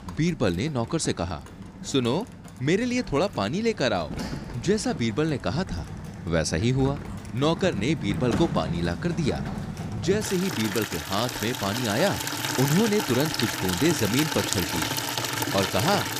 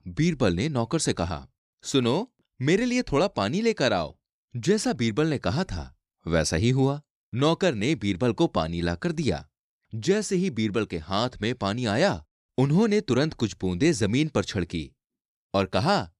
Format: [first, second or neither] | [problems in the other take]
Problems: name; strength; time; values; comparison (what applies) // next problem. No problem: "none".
second | household noises; loud; throughout; 4 dB below the speech